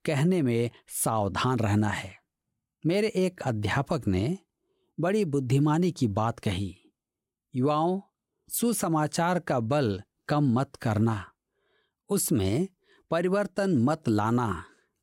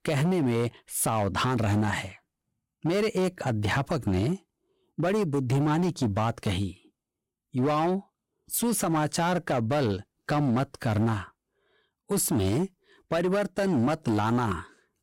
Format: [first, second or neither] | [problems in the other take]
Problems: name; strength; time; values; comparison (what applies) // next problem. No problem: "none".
first | distortion; slight; 13% of the sound clipped